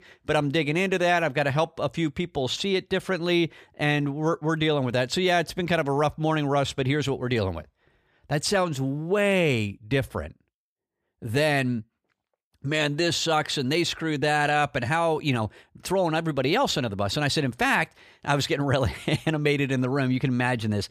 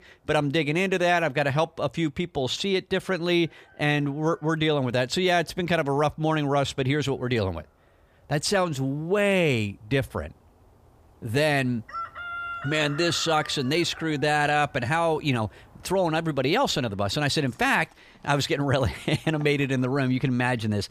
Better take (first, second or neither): first